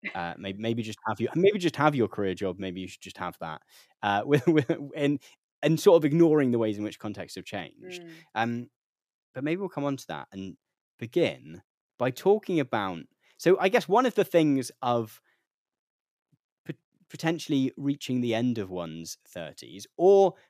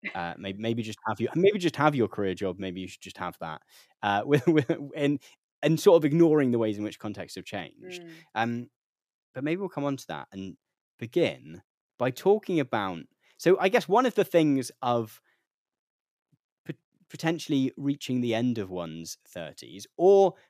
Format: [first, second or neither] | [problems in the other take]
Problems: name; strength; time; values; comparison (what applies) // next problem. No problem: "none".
neither | none